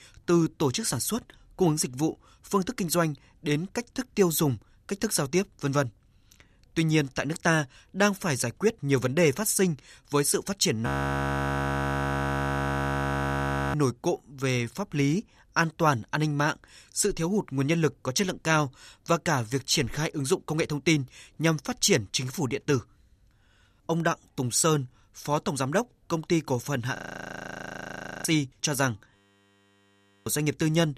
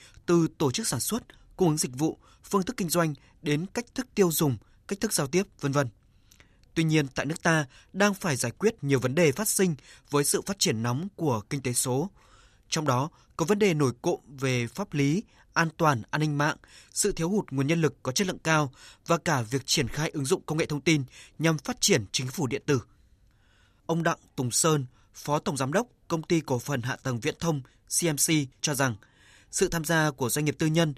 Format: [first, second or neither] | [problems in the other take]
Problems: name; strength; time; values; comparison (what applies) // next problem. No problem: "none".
second | audio freezing; at 11 s for 3 s, at 27 s for 1.5 s and at 29 s for 1 s